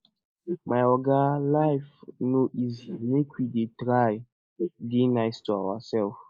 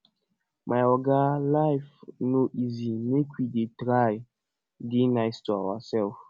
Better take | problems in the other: second | noise reduction (neural mask model Resemble Enhance denoiser)

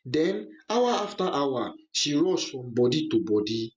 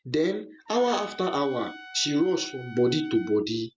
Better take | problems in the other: first | background sound (Trumpet); 19 dB below the speech

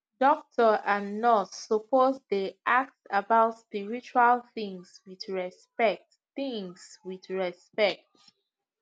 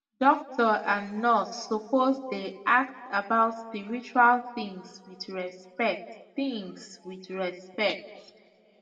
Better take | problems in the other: first | room echo; dies away in 1.4 s

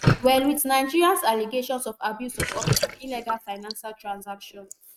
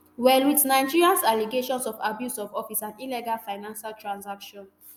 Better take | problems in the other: second | noise reduction (neural mask model RNNoise)

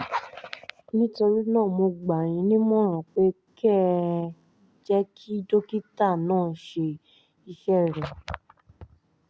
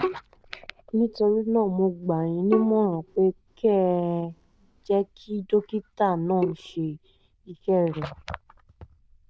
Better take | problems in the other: first | noise reduction (neural diffusion model UNIVERSE++)

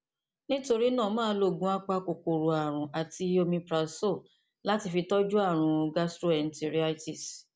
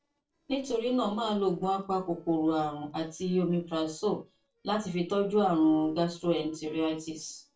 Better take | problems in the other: first | noise reduction (neural separator model SepFormer DNS4)

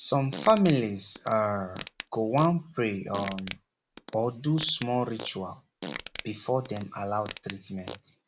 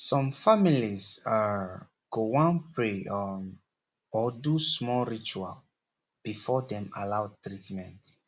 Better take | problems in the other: second | background sound (Fart); 14 dB below the speech

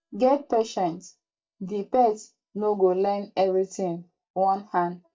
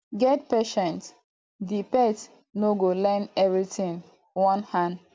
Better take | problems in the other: second | noise reduction (neural mask model DeepFilterNet 3)

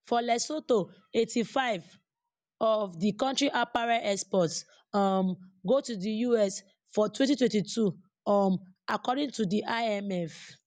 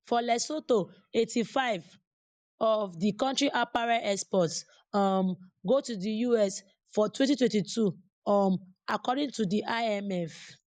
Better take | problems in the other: first | noise reduction (neural mask model Resemble Enhance denoiser)

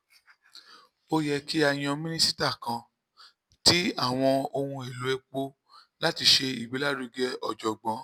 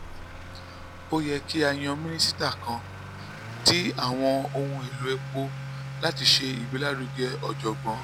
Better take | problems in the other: first | background sound (Accelerating, revving, vroom / Motor vehicle (road)); 8 dB below the speech

